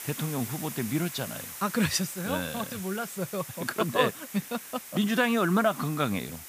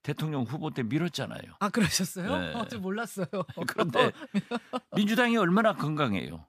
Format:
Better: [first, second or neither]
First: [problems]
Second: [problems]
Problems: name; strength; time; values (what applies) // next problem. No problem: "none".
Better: second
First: hiss; noticeable; throughout; 10 dB below the speech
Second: none